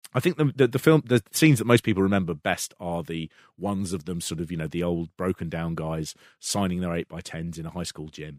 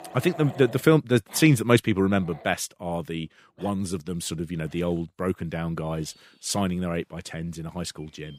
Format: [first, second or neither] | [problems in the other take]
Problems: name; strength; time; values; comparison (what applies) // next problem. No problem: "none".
first | animal sounds; faint; throughout; 20 dB below the speech